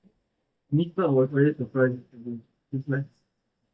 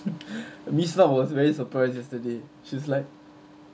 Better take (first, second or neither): second